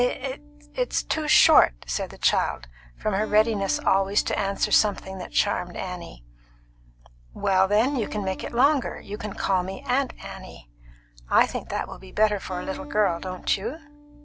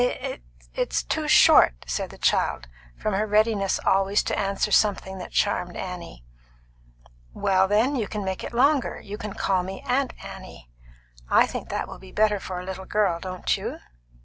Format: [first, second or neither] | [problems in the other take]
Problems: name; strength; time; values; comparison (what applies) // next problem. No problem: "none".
second | background sound (Acoustic guitar); 19 dB below the speech